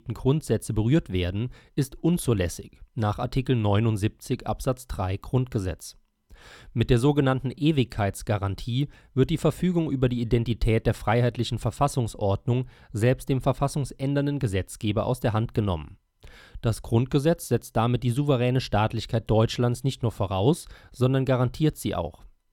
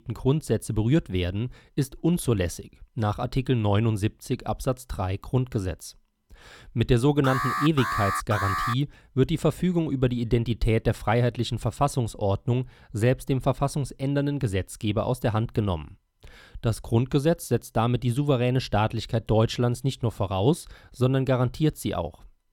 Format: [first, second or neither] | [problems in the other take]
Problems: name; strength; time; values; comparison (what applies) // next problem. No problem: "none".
first | alarm; noticeable; from 7 to 8.5 s; peak 1 dB below the speech